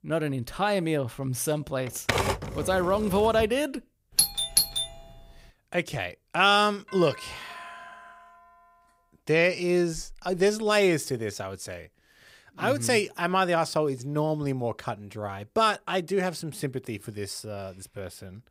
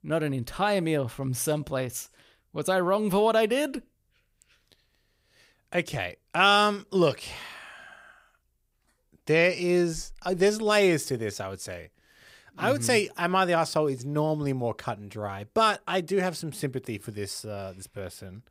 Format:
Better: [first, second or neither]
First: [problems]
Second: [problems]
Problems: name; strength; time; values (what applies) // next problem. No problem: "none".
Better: second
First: keyboard typing; loud; from 2 to 3.5 s; peak 1 dB above the speech // doorbell; loud; at 4 s; peak 4 dB above the speech // doorbell; faint; from 7 to 9 s; peak 15 dB below the speech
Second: none